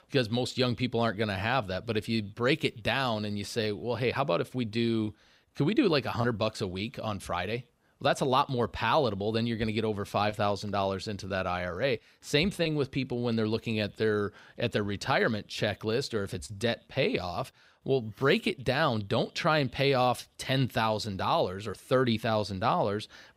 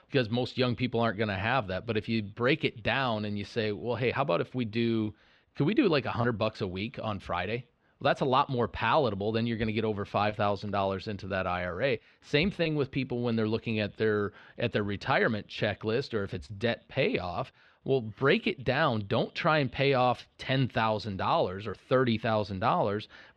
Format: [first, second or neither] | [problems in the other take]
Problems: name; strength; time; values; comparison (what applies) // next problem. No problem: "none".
first | muffled; very slightly; fading above 3 kHz